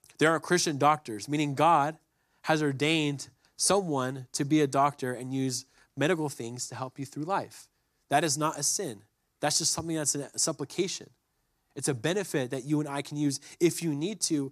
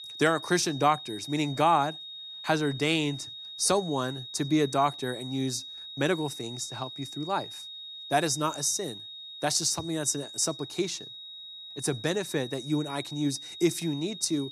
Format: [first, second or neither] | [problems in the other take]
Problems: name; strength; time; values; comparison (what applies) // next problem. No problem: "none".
first | high-pitched whine; noticeable; throughout; 4 kHz, 10 dB below the speech